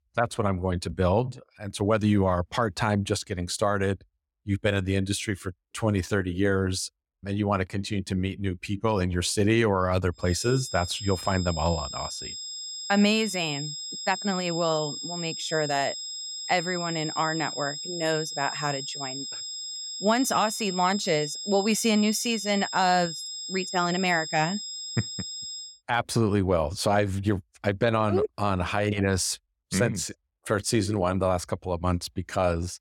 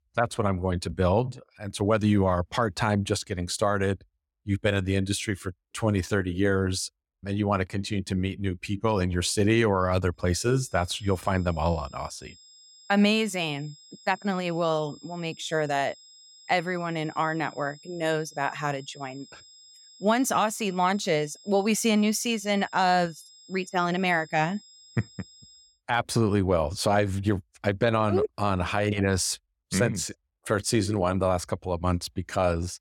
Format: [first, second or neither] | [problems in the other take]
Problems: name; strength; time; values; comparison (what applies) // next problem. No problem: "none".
second | high-pitched whine; loud; from 10 to 26 s; 5 kHz, 7 dB below the speech; faint in the second